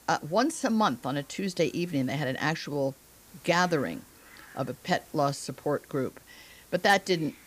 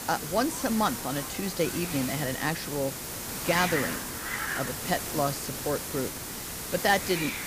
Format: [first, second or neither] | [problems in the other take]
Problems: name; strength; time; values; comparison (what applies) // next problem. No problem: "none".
first | hiss; loud; throughout; 3 dB below the speech; faint in the first